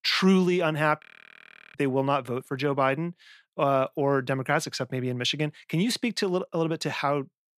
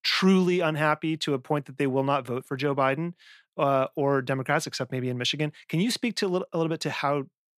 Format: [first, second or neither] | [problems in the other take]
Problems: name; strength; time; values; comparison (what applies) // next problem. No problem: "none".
second | audio freezing; at 1 s for 0.5 s